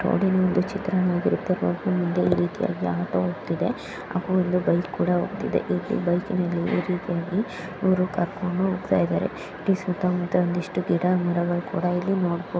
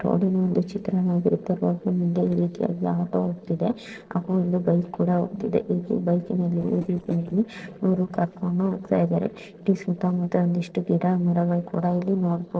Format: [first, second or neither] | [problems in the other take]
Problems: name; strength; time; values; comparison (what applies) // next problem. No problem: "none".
first | noise reduction (neural separator model SepFormer DNS4)